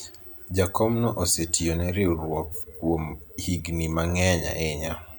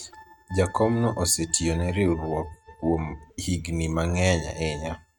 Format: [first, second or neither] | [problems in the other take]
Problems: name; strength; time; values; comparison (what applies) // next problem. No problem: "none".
first | noise reduction (neural mask model RNNoise)